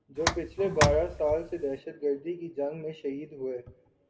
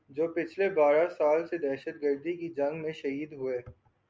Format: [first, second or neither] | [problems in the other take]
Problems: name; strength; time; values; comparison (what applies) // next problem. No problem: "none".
second | background sound (Tick); as loud as the speech // room echo; dies away in 1.4 s